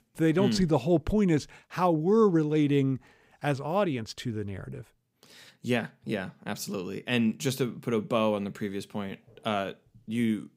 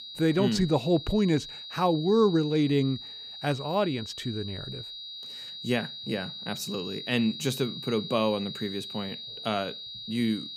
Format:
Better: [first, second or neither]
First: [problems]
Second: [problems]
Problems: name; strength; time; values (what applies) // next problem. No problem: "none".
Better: first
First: none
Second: high-pitched whine; loud; throughout; 4 kHz, 10 dB below the speech